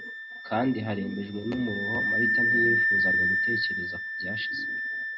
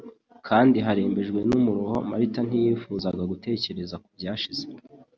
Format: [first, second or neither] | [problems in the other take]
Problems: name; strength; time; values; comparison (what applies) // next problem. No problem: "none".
second | background sound (Wind instrument, woodwind instrument); 5 dB above the speech // room echo; dies away in 0.2 s